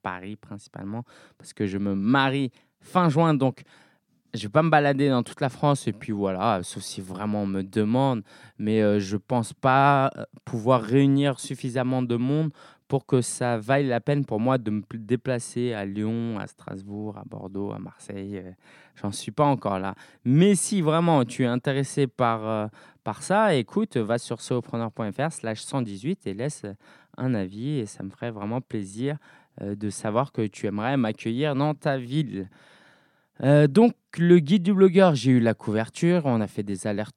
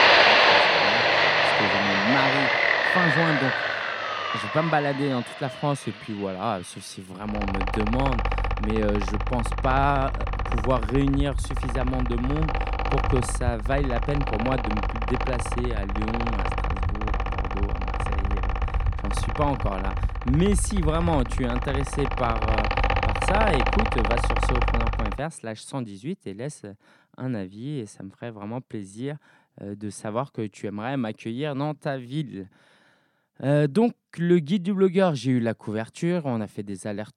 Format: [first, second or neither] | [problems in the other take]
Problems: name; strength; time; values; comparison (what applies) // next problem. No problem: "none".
first | machinery noise; very loud; until 25 s; 3 dB above the speech